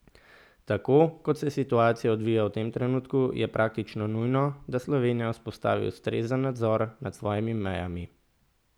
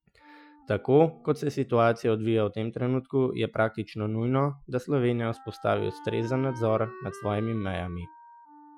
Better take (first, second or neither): first